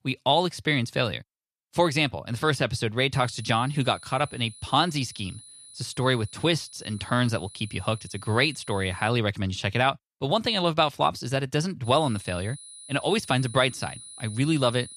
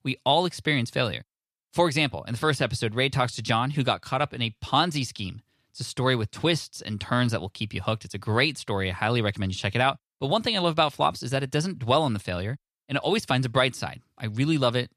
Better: second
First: high-pitched whine; noticeable; from 3 to 9 s and from 12 s on; 10 kHz, 20 dB below the speech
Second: none

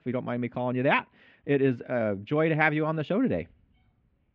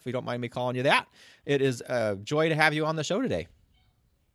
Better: second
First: muffled; very; fading above 2.5 kHz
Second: none

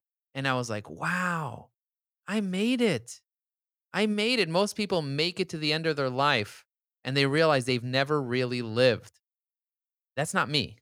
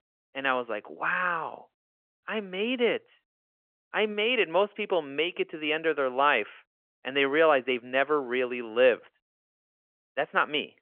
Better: first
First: none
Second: phone-call audio; nothing above 3 kHz

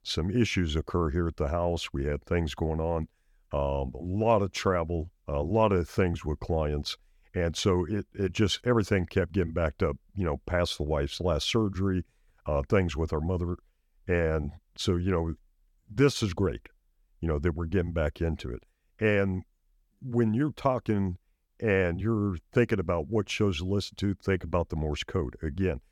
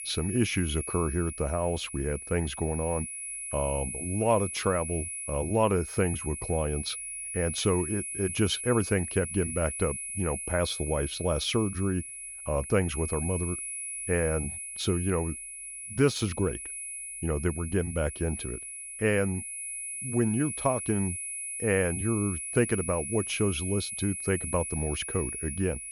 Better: first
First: none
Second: high-pitched whine; loud; throughout; 10.5 kHz, 5 dB below the speech

